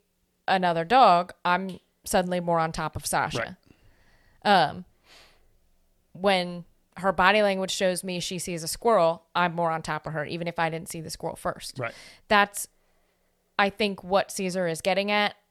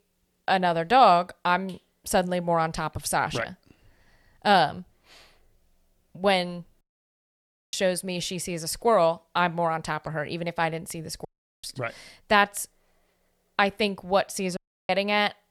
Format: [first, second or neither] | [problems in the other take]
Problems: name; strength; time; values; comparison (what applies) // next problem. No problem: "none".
first | audio cutting out; at 7 s for 1 s, at 11 s and at 15 s